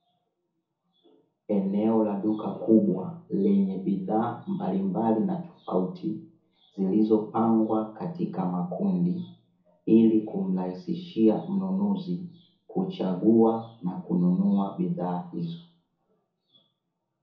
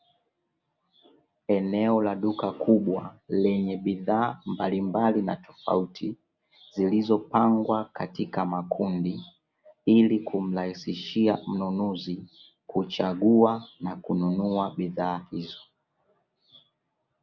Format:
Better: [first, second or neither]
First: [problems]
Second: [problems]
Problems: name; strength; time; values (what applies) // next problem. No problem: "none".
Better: second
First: room echo; dies away in 0.6 s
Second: none